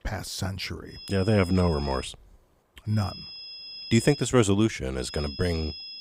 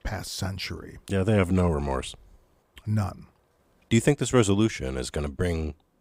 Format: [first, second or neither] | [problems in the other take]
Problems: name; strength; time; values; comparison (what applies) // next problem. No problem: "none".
second | high-pitched whine; noticeable; from 1 to 2 s, from 3 to 4 s and at 5 s; 5 kHz, 15 dB below the speech